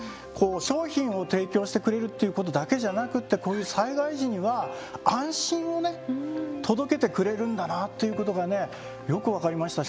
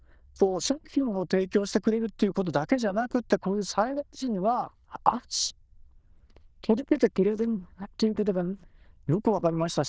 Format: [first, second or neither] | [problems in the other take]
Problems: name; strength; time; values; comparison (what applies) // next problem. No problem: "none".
first | noise reduction (neural diffusion model UNIVERSE++)